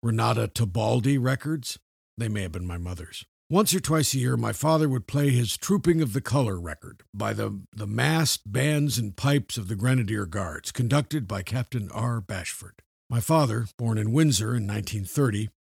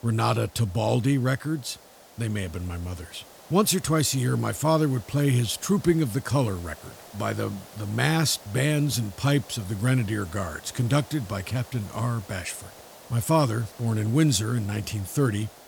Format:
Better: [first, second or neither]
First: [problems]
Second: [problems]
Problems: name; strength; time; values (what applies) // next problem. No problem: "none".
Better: first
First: none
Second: hiss; faint; throughout; 20 dB below the speech